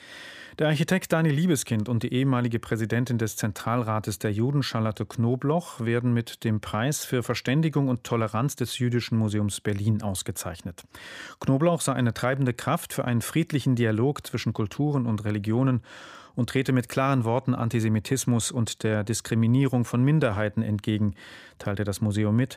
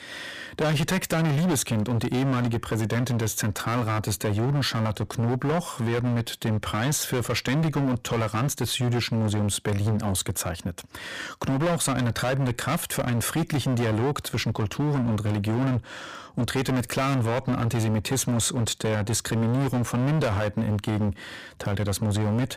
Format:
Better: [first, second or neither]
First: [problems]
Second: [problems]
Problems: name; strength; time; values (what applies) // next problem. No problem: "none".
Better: first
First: none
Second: distortion; heavy; 23% of the sound clipped